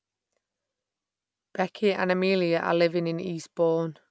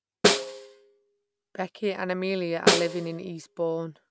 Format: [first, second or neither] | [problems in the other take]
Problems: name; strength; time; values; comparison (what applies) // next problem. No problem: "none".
first | background sound (Snare drum); 3 dB above the speech